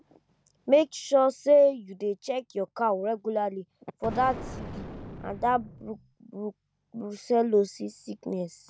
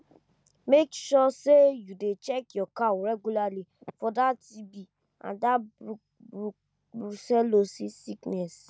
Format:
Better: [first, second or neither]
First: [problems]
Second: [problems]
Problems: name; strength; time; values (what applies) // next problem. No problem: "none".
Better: second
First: background sound (Explosion); 12 dB below the speech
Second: none